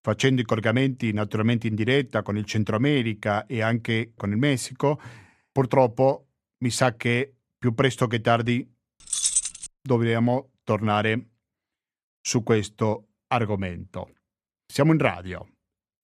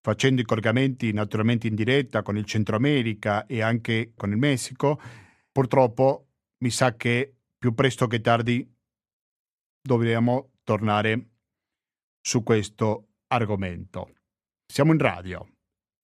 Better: second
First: jangling keys; loud; at 9 s; peak 3 dB above the speech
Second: none

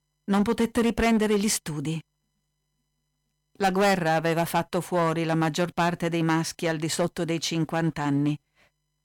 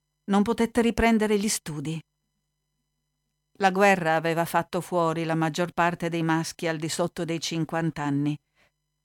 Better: second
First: distortion; slight; 6% of the sound clipped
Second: none

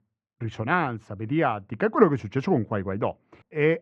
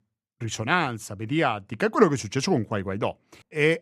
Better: second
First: muffled; very; fading above 2 kHz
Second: none

